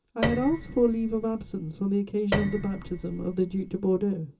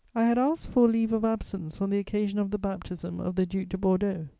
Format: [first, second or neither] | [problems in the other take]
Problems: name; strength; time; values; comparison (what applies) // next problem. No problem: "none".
second | background sound (Piano); 8 dB below the speech // room echo; dies away in 0.2 s